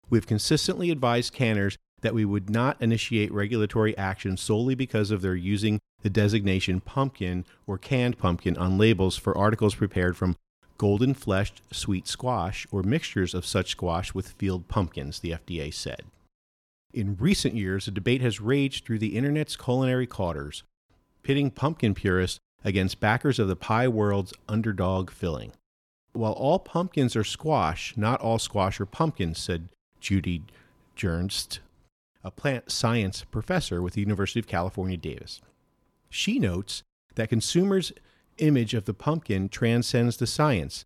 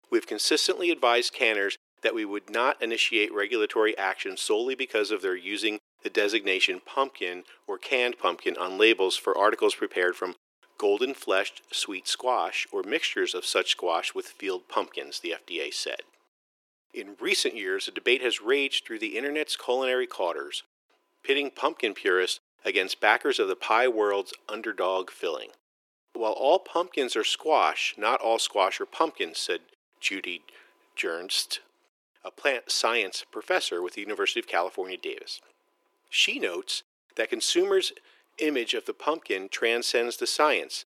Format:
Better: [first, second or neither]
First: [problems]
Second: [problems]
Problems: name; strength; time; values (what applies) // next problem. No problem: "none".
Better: first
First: none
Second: thin; very; fading below 350 Hz